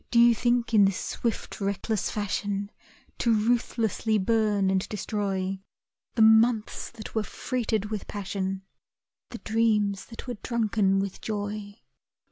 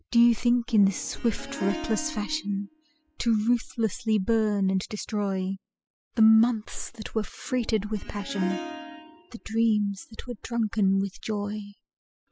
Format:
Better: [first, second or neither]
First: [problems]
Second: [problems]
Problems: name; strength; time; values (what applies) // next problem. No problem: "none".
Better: first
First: none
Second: noise reduction (classical method spectral subtraction)